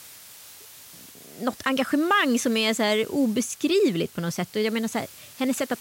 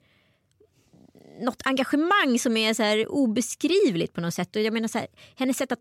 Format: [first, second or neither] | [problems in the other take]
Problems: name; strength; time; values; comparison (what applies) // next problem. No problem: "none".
second | hiss; noticeable; throughout; 20 dB below the speech